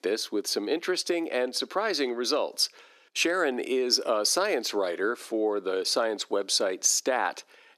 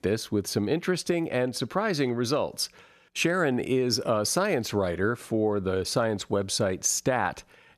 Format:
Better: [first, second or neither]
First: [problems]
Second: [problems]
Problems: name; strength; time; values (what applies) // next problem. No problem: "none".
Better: second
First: thin; somewhat; fading below 300 Hz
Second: none